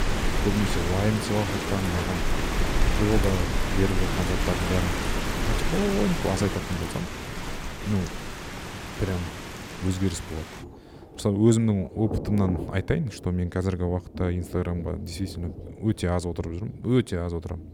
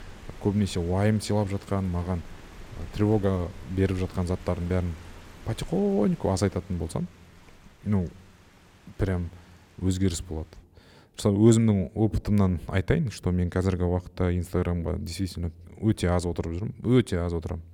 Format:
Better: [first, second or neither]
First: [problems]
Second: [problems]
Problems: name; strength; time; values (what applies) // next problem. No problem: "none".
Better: second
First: rain or running water; loud; throughout; 3 dB below the speech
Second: rain or running water; faint; throughout; 25 dB below the speech